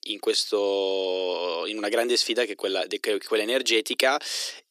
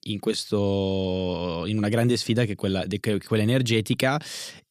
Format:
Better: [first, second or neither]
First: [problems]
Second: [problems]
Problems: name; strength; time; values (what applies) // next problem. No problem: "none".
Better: second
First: thin; very; fading below 350 Hz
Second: none